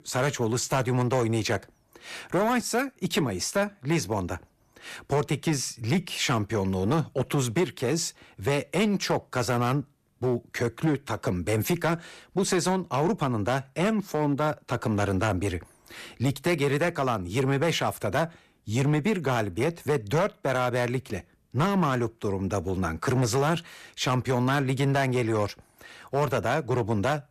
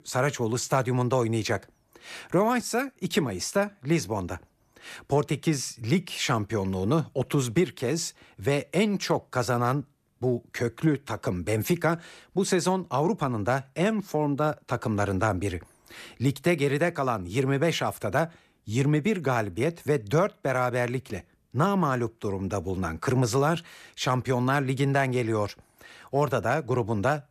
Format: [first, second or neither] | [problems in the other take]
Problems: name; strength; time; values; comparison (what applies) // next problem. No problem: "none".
second | distortion; slight; 7% of the sound clipped